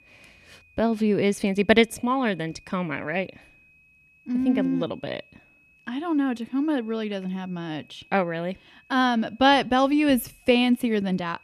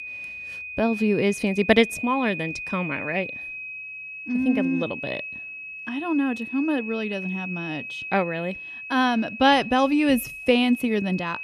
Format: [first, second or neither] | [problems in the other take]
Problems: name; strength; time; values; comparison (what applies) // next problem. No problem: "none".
first | high-pitched whine; loud; throughout; 2.5 kHz, 9 dB below the speech; faint in the first